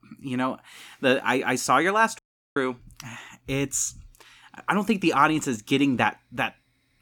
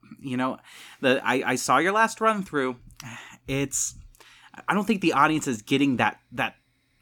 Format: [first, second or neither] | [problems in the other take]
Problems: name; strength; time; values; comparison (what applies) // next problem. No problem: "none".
second | audio cutting out; at 2 s